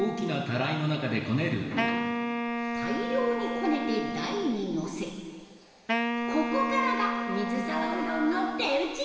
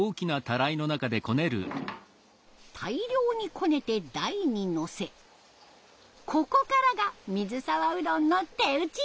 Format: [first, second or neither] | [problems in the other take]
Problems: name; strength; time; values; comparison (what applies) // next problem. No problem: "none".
second | background sound (Wind instrument, woodwind instrument); 3 dB below the speech // room echo; dies away in 1.6 s